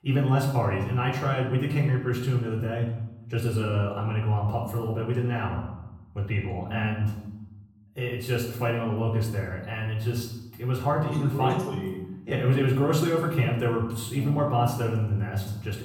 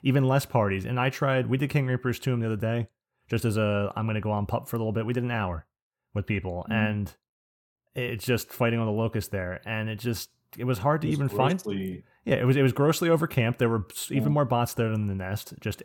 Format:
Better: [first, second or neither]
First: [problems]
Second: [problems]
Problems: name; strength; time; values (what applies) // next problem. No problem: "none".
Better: second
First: room echo; noticeable; dies away in 0.8 s // off-mic speech; far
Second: none